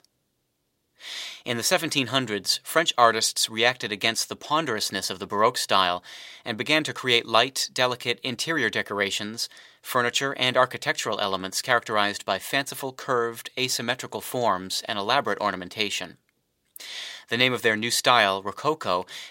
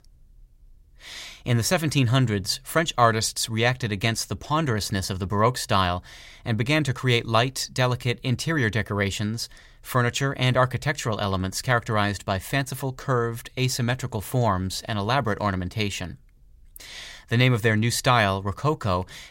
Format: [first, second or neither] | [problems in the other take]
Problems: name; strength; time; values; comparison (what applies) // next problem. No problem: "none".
second | thin; somewhat; fading below 300 Hz